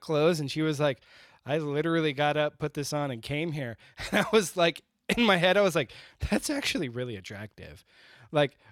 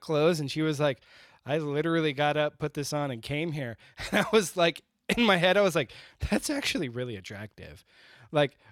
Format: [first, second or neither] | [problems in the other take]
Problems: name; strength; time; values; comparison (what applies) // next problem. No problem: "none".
neither | none